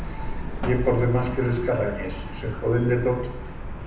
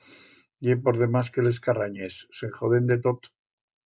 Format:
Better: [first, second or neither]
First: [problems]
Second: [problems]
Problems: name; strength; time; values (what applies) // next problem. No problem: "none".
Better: second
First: background sound (Truck); 5 dB below the speech // room echo; dies away in 0.7 s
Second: none